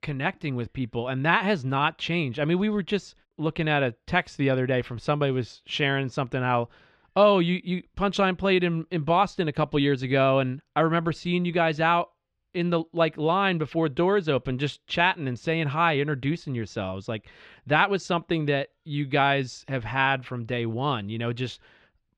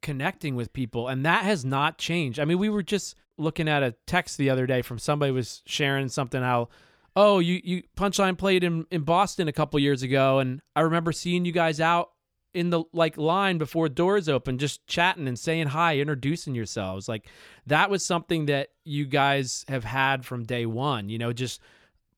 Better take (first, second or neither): second